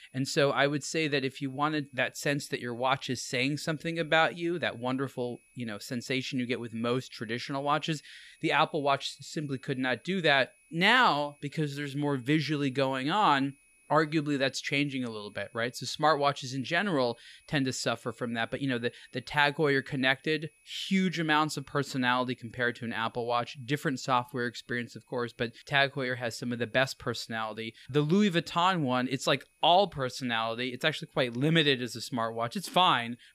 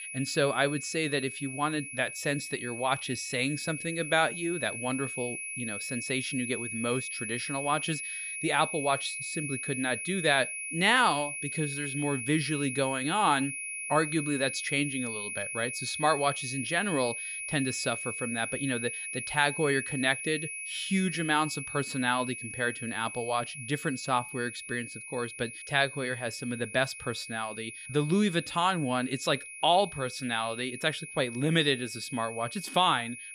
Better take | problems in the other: first | high-pitched whine; loud; throughout; 2.5 kHz, 6 dB below the speech; faint in the first

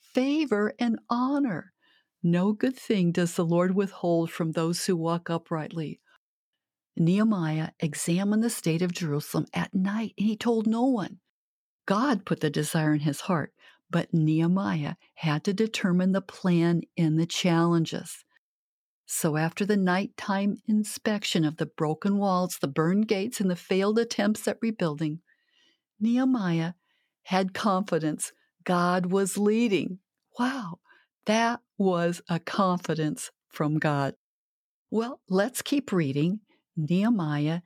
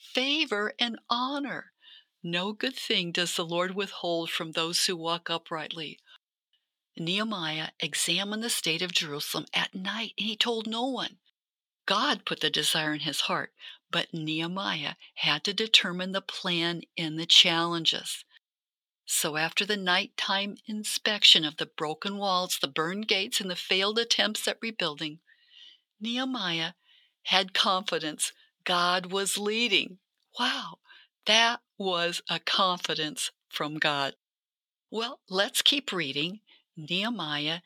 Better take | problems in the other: first | thin; somewhat; fading below 900 Hz

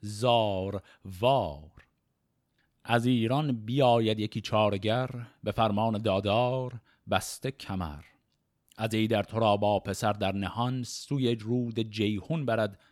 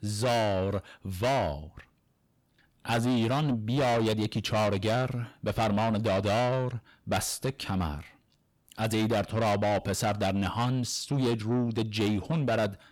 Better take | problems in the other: first | distortion; heavy; 6 dB below the speech

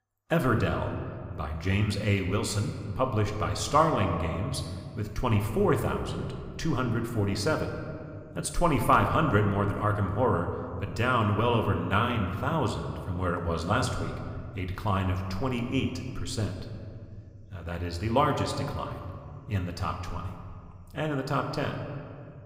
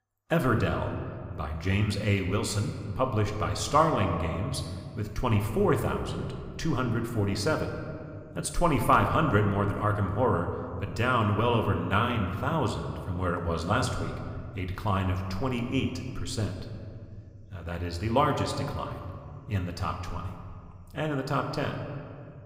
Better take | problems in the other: neither | room echo; slight; dies away in 1.8 s; the same in both

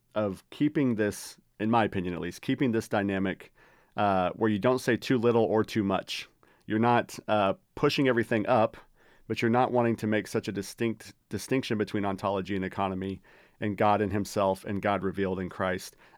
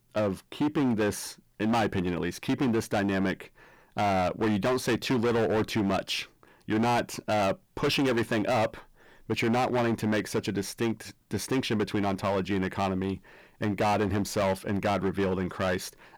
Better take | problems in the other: first | distortion; heavy; 16% of the sound clipped

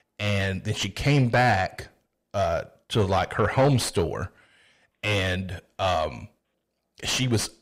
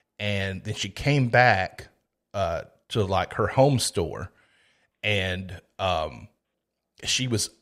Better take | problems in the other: second | distortion; heavy; 7 dB below the speech

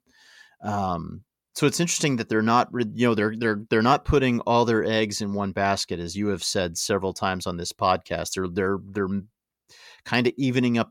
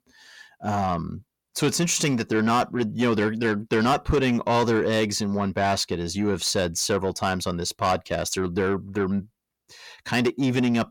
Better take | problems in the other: first | distortion; slight; 10 dB below the speech

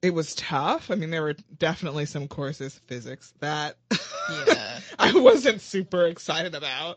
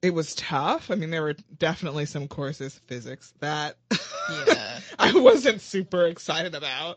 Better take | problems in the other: neither | garbled, watery; slightly; nothing above 7 kHz; the same in both

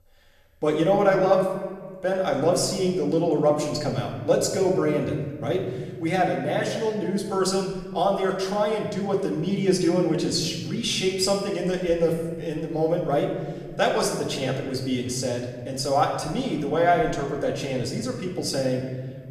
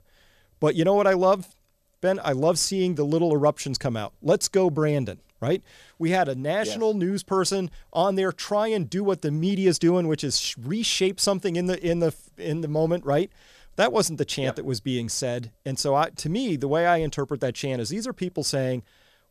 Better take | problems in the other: second | room echo; noticeable; dies away in 1.5 s // off-mic speech; somewhat distant

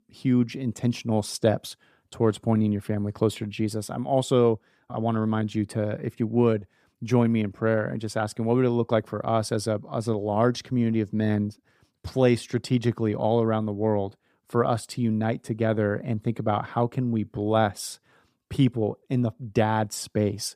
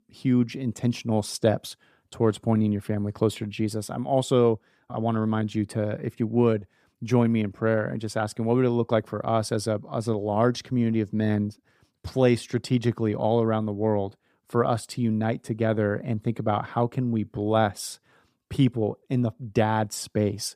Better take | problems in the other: neither | none

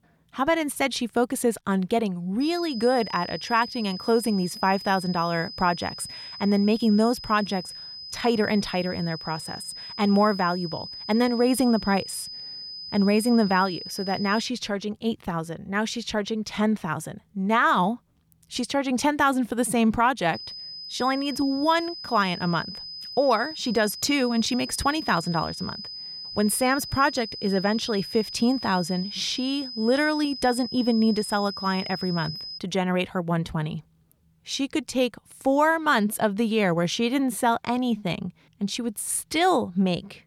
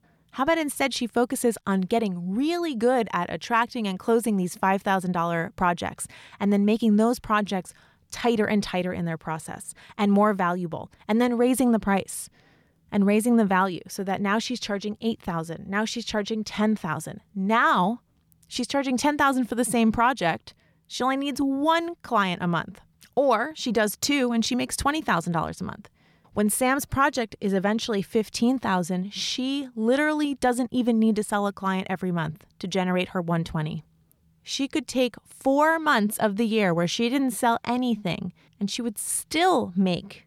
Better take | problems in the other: second | high-pitched whine; noticeable; from 2.5 to 14 s and from 20 to 33 s; 5 kHz, 10 dB below the speech

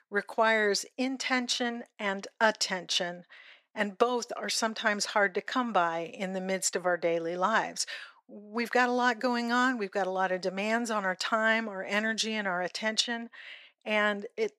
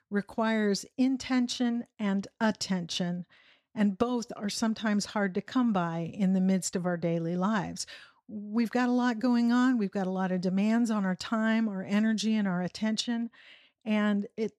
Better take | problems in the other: second | thin; somewhat; fading below 500 Hz

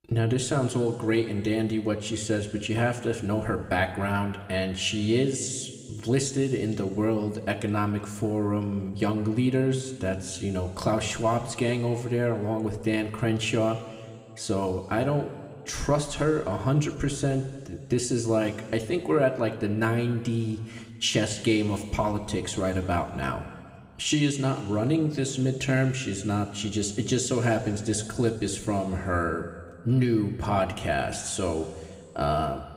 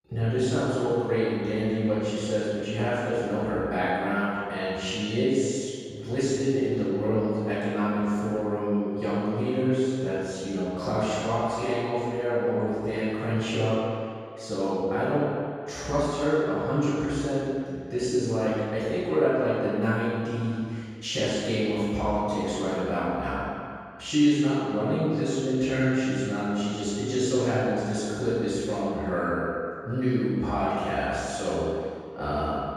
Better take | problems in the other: first | room echo; strong; dies away in 2.1 s; slight in the first // off-mic speech; far

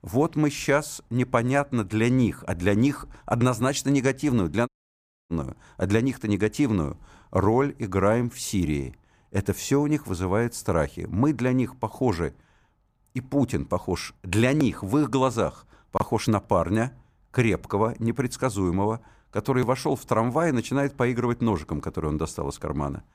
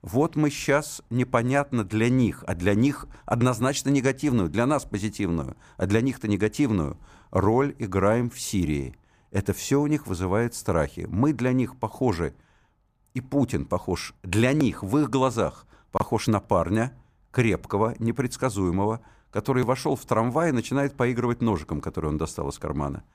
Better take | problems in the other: second | audio cutting out; at 4.5 s for 0.5 s

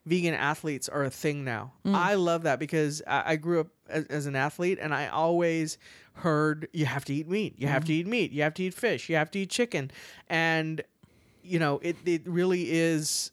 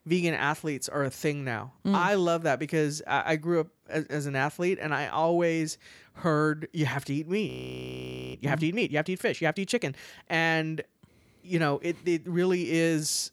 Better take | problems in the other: first | audio freezing; at 7.5 s for 1 s

